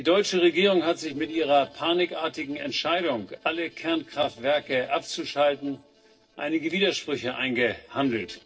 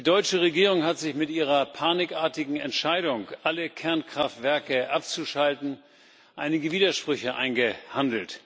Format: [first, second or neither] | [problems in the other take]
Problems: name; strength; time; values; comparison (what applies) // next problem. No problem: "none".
second | noise reduction (neural separator model SepFormer DNS4)